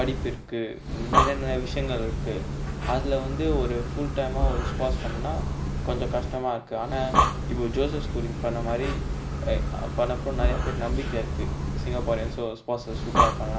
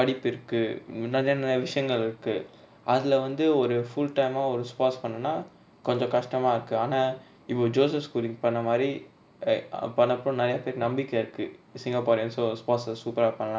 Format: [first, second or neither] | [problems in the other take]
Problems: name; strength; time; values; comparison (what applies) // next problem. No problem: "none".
second | background sound (Breathing); 3 dB above the speech